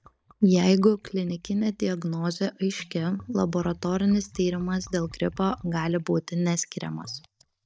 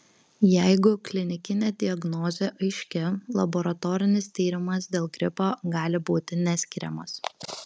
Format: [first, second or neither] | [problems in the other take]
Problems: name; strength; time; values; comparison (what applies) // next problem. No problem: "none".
second | noise reduction (neural mask model DeepFilterNet 3)